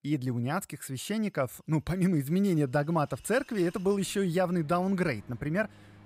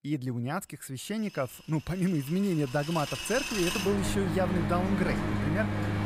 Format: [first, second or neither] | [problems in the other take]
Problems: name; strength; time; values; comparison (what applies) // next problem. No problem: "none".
first | machinery noise; loud; throughout; 1 dB below the speech; faint in the first